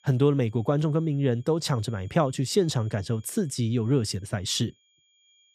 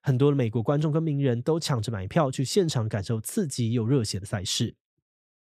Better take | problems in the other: second | high-pitched whine; faint; throughout; 3.5 kHz, 35 dB below the speech

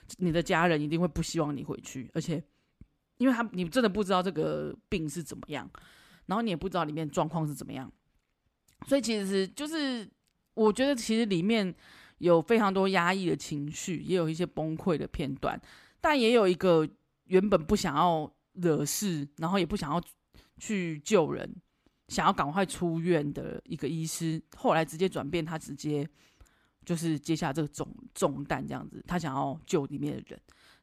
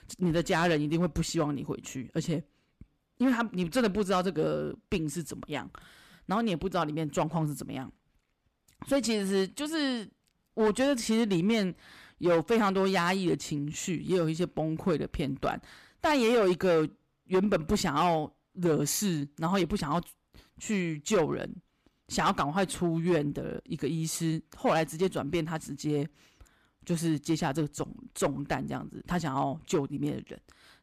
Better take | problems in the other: first | distortion; slight; 4% of the sound clipped

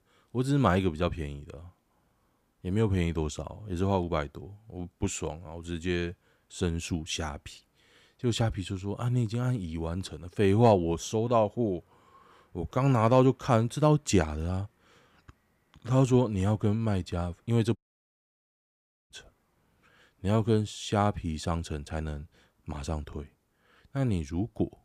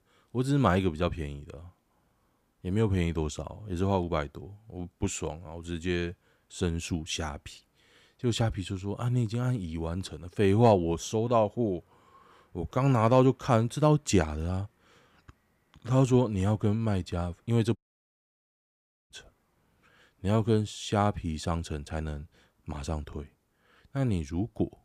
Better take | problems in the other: neither | audio cutting out; at 18 s for 1.5 s; the same in both

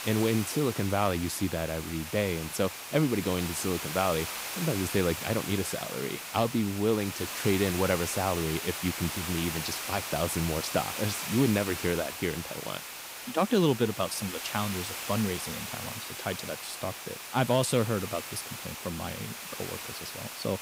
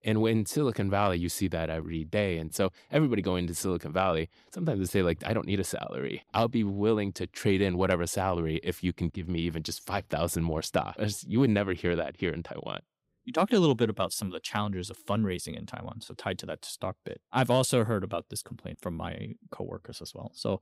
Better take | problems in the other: second | hiss; loud; throughout; 6 dB below the speech

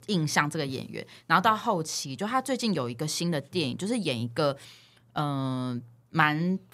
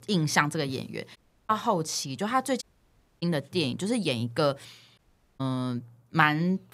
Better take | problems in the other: first | audio cutting out; at 1 s, at 2.5 s for 0.5 s and at 5 s

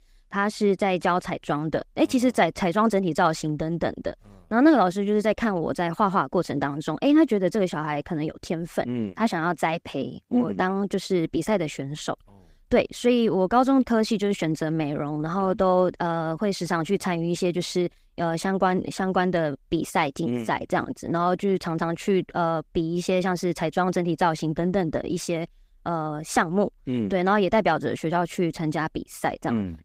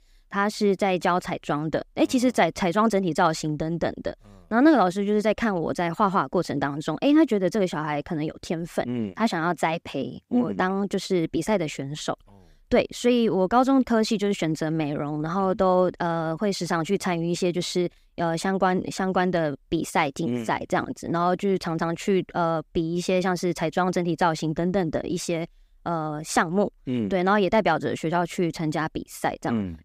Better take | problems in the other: second | garbled, watery; slightly; nothing above 15.5 kHz

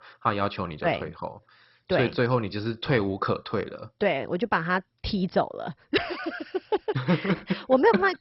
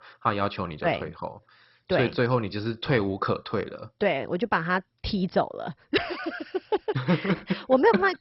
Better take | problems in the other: neither | garbled, watery; badly; nothing above 5.5 kHz; the same in both

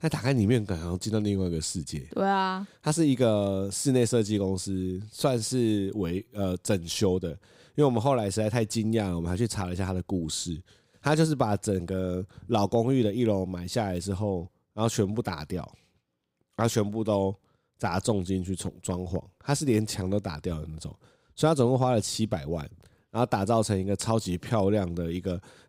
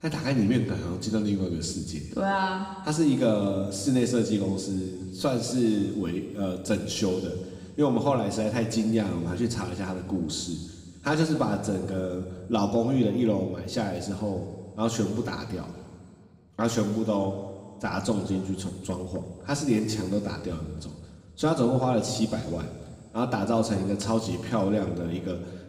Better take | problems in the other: first | room echo; noticeable; dies away in 2.2 s // off-mic speech; somewhat distant

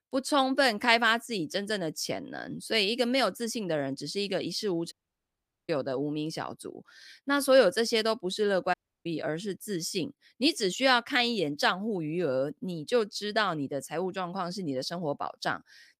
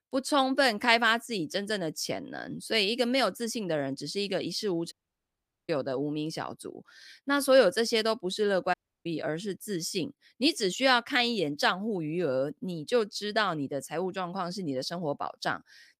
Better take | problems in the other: neither | audio cutting out; at 5 s for 1 s and at 8.5 s; the same in both

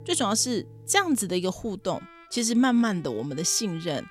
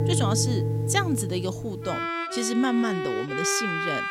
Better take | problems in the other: first | background music; loud; throughout; 1 dB below the speech; faint in the first

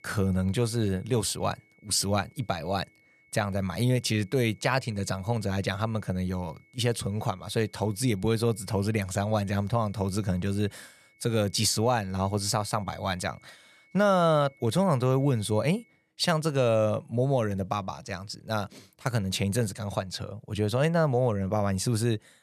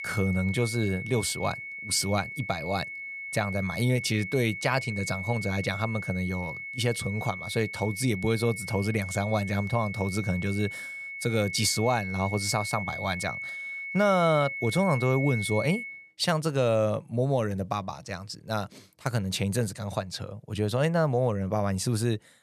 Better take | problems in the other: first | high-pitched whine; loud; until 16 s; 2 kHz, 7 dB below the speech; faint in the first

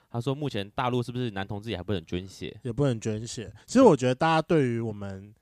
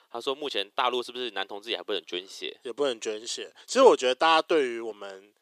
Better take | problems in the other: first | thin; very; fading below 400 Hz

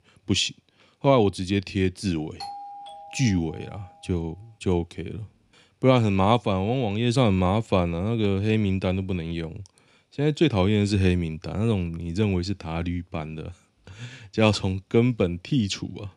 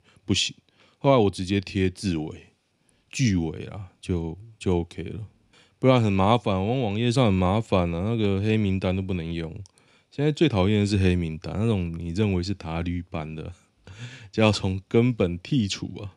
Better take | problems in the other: second | doorbell; faint; from 2.5 to 4 s; peak 15 dB below the speech

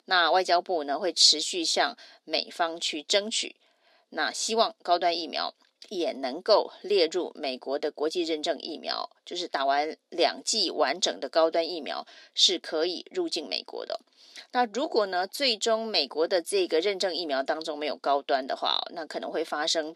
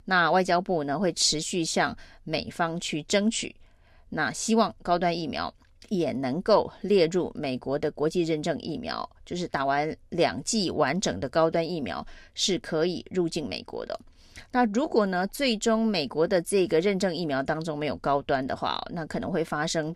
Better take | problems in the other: second | thin; somewhat; fading below 300 Hz

